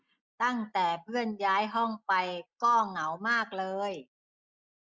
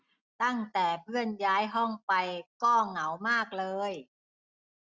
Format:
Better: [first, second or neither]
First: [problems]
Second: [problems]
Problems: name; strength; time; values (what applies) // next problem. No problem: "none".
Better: second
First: noise reduction (neural mask model Resemble Enhance denoiser)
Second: none